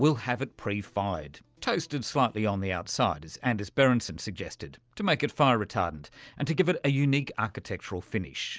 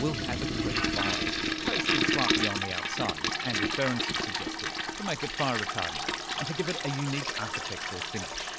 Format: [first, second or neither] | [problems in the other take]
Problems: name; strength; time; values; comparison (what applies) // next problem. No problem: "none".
first | background sound (Toilet flush); 4 dB above the speech